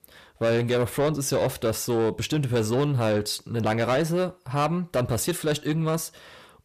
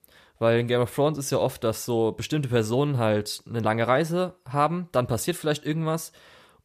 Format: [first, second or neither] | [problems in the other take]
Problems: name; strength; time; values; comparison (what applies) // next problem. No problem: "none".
second | distortion; slight; 10 dB below the speech